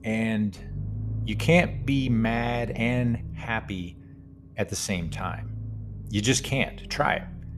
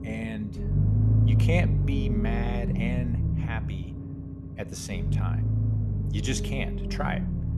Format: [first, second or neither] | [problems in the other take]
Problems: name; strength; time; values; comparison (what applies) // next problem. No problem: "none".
first | low rumble; loud; throughout; 4 dB below the speech; faint in the first